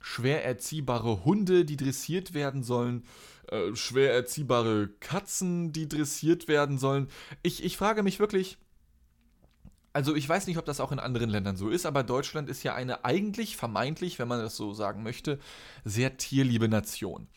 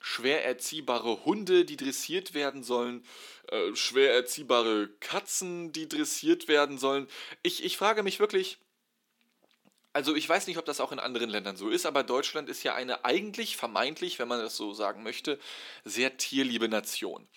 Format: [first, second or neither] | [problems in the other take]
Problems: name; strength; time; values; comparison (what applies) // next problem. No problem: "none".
first | thin; somewhat; fading below 250 Hz